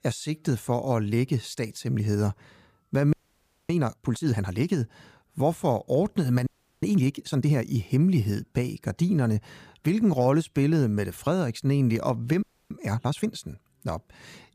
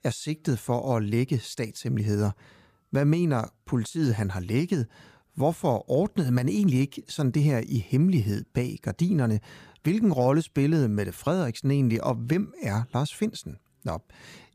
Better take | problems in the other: second | audio freezing; at 3 s for 0.5 s, at 6.5 s and at 12 s

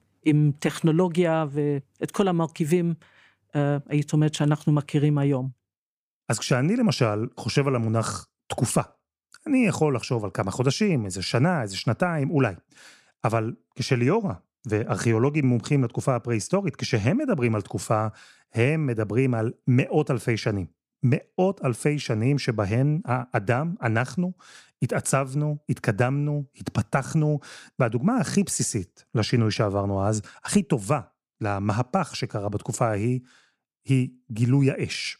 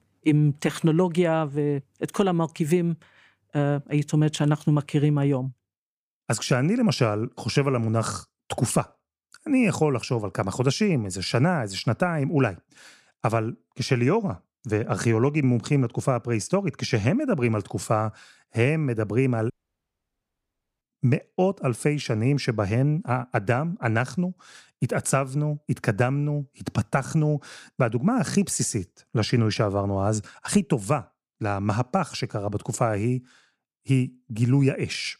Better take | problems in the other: first | audio cutting out; at 20 s for 1.5 s

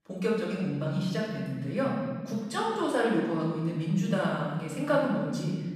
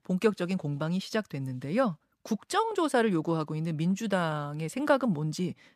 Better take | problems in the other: second | off-mic speech; far // room echo; noticeable; dies away in 1.6 s

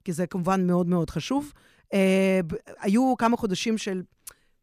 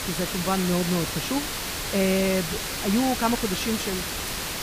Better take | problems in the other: first | hiss; loud; throughout; 2 dB below the speech

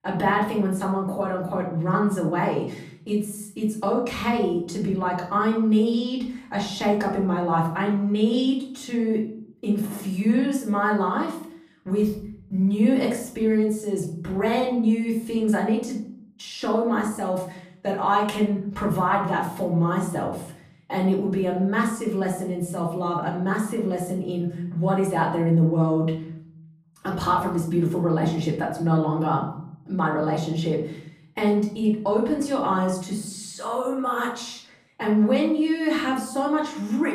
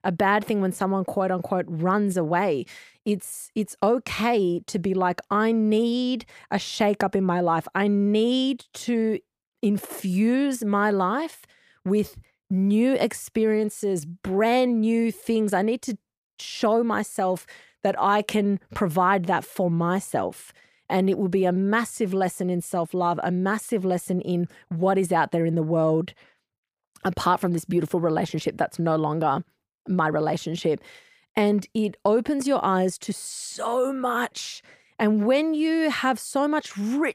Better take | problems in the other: second | off-mic speech; far // room echo; slight; dies away in 0.7 s

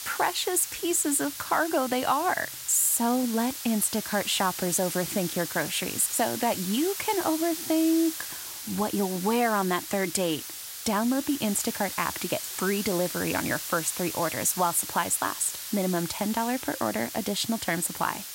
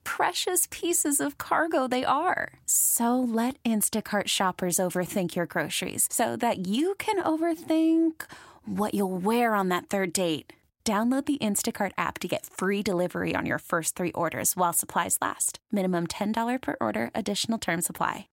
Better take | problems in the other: second | hiss; loud; throughout; 7 dB below the speech

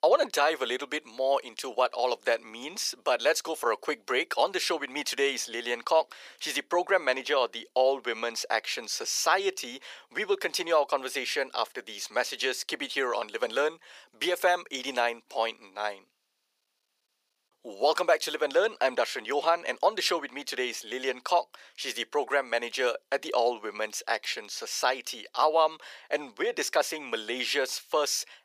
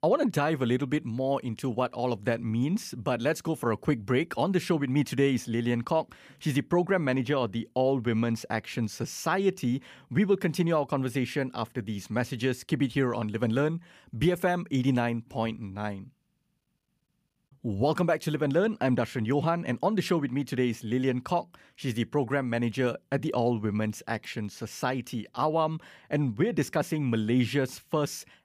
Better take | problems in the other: second | thin; very; fading below 450 Hz

